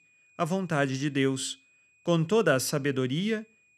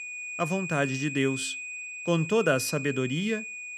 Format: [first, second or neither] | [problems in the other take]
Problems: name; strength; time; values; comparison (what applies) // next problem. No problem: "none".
first | high-pitched whine; loud; throughout; 2.5 kHz, 7 dB below the speech; faint in the first